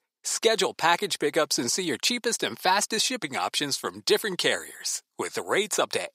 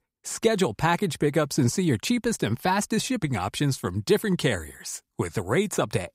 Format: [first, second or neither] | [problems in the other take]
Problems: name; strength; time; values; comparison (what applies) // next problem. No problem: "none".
second | thin; somewhat; fading below 450 Hz